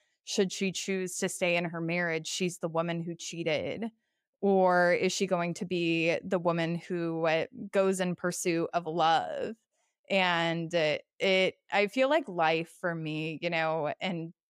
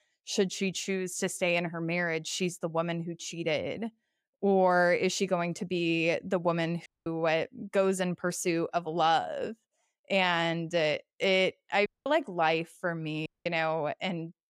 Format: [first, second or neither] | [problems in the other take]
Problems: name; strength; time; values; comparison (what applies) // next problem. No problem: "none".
first | audio cutting out; at 7 s, at 12 s and at 13 s